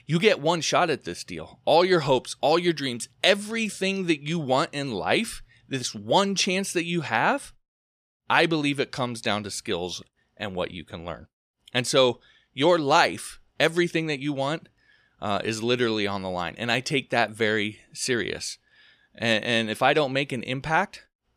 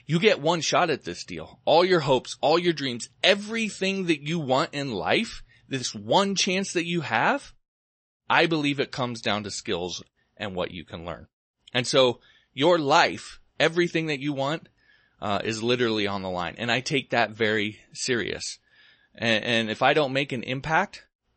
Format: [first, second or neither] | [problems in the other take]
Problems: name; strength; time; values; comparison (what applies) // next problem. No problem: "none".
first | garbled, watery; slightly; nothing above 8 kHz